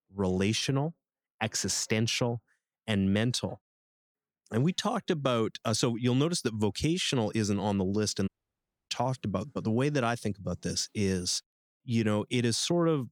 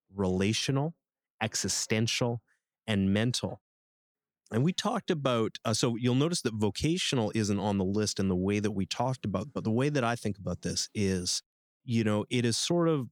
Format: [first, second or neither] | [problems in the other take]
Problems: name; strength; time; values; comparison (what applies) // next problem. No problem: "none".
second | audio cutting out; at 8.5 s for 0.5 s